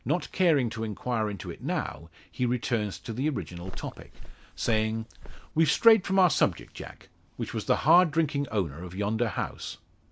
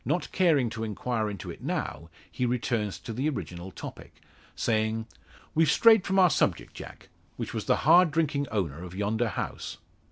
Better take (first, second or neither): second